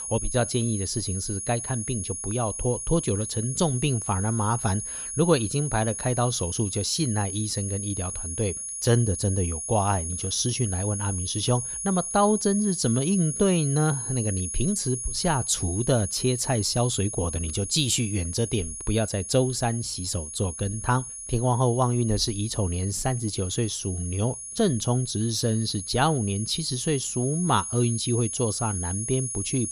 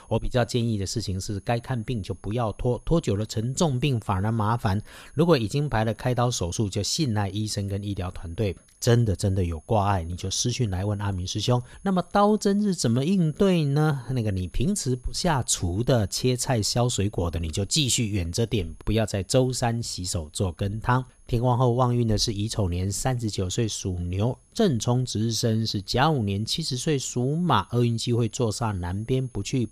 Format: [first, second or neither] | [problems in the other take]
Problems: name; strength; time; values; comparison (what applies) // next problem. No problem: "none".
second | high-pitched whine; loud; throughout; 10.5 kHz, 5 dB below the speech; faint in the second